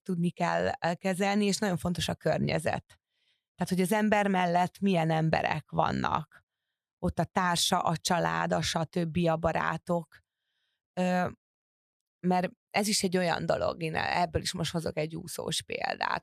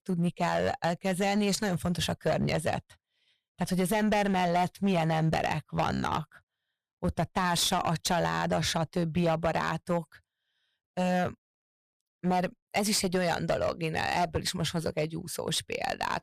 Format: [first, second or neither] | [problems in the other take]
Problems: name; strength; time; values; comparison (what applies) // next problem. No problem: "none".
first | distortion; slight; 9% of the sound clipped